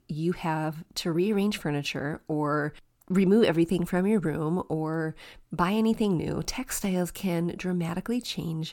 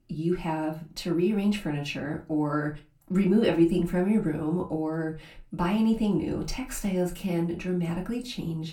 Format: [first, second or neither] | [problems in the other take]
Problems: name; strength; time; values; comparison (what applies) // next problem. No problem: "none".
first | off-mic speech; far // room echo; very slight; dies away in 0.2 s